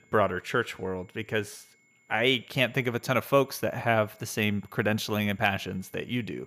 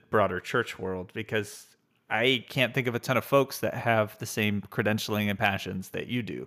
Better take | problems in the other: second | high-pitched whine; faint; throughout; 2 kHz, 35 dB below the speech

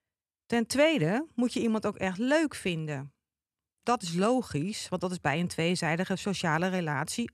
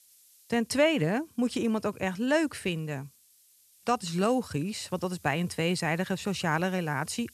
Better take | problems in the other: first | hiss; faint; throughout; 25 dB below the speech

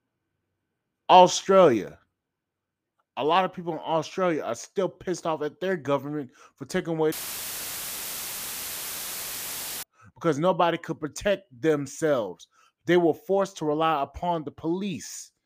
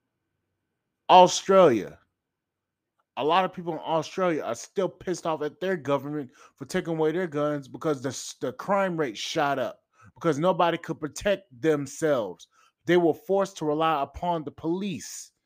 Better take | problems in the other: second | audio cutting out; filled with static; at 7 s for 2.5 s

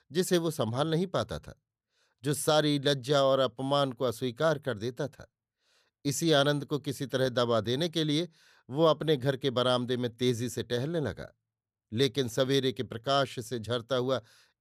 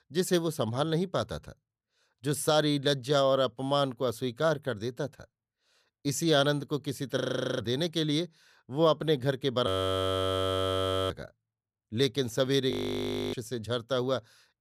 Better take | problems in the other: first | audio freezing; at 7 s, at 9.5 s for 1.5 s and at 13 s for 0.5 s

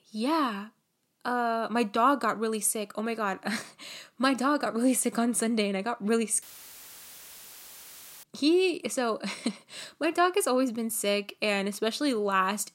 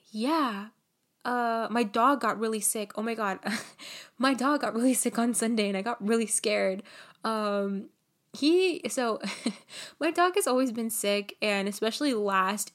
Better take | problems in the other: second | audio cutting out; filled with static; at 6.5 s for 2 s

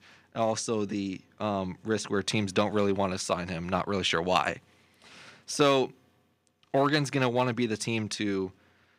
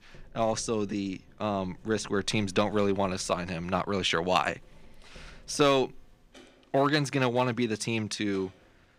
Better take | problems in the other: first | household noises; faint; throughout; 30 dB below the speech

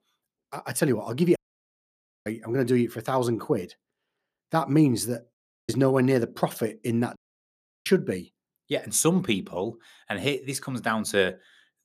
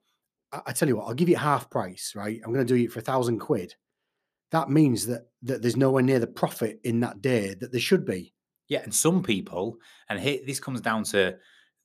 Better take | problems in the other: second | audio cutting out; at 1.5 s for 1 s, at 5.5 s and at 7 s for 0.5 s

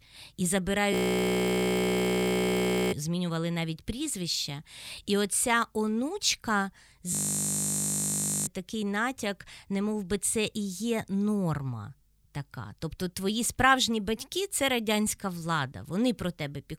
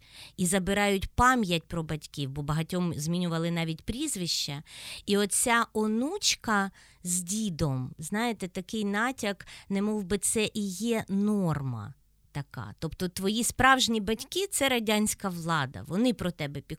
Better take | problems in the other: second | audio freezing; at 1 s for 2 s and at 7 s for 1.5 s

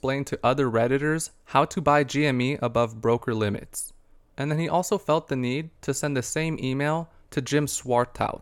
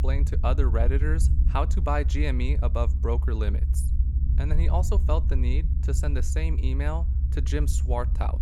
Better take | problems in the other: first | low rumble; noticeable; throughout; 10 dB below the speech

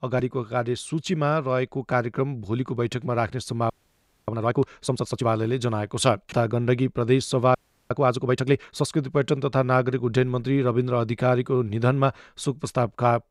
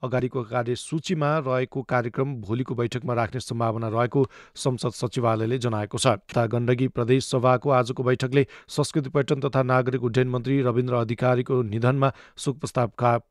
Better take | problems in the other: second | audio freezing; at 3.5 s for 0.5 s and at 7.5 s

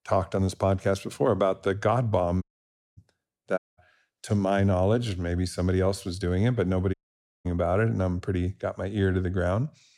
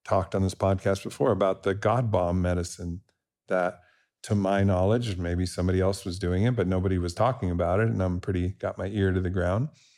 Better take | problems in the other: second | audio cutting out; at 2.5 s for 0.5 s, at 3.5 s and at 7 s for 0.5 s

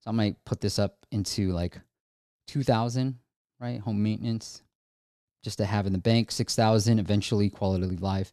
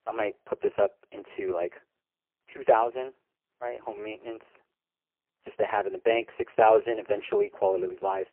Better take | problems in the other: first | phone-call audio; poor line; nothing above 3 kHz

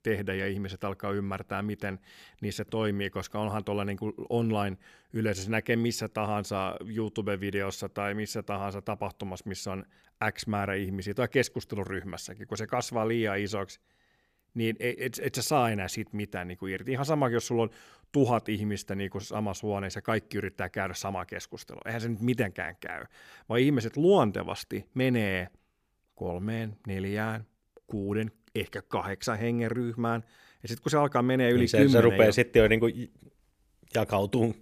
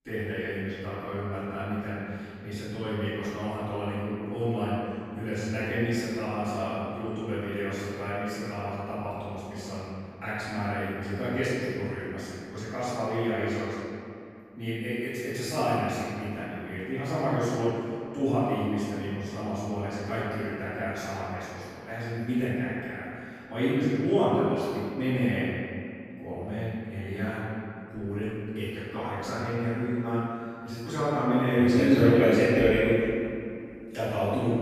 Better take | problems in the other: first | room echo; strong; dies away in 2.3 s // off-mic speech; far

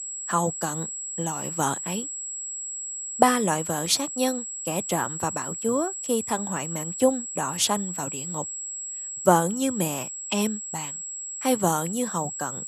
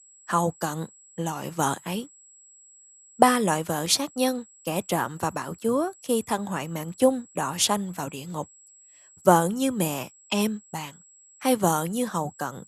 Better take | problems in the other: second | high-pitched whine; loud; throughout; 7.5 kHz, 5 dB below the speech; faint in the second

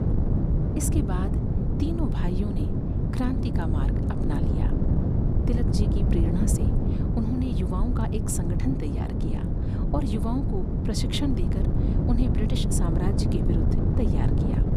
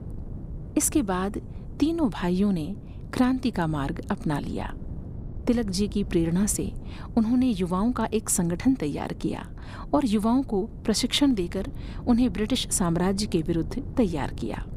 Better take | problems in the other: second | wind noise on the microphone; heavy; as loud as the speech; occasional gusts in the second

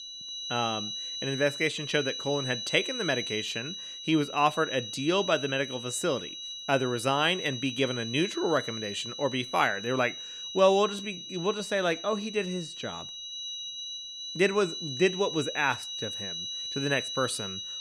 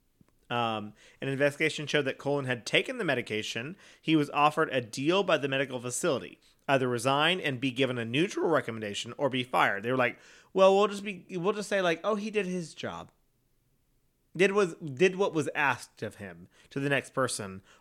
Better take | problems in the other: second | high-pitched whine; loud; throughout; 4 kHz, 7 dB below the speech

